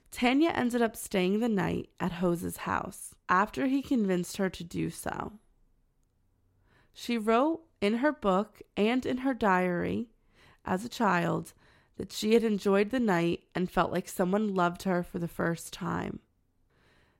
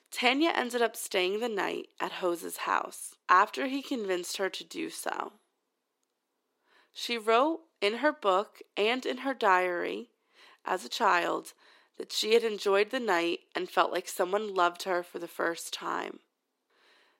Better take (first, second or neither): first